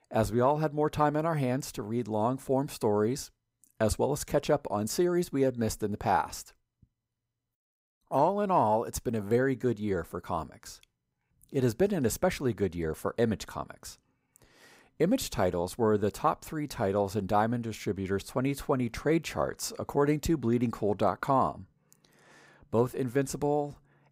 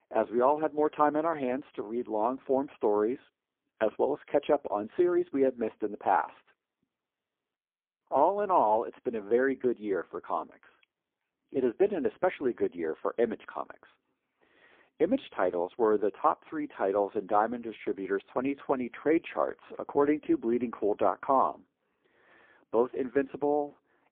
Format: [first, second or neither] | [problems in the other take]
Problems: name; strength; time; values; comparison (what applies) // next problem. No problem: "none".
first | phone-call audio; poor line